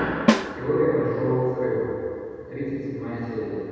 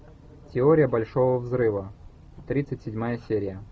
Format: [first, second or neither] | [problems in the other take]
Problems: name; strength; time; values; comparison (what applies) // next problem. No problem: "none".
second | background sound (Snare drum); 1 dB below the speech // room echo; dies away in 2.1 s